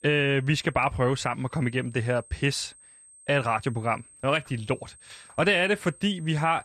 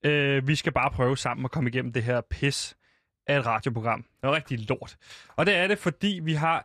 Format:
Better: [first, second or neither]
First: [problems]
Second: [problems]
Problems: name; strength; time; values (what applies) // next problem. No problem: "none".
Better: second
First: high-pitched whine; faint; throughout; 8.5 kHz, 25 dB below the speech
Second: none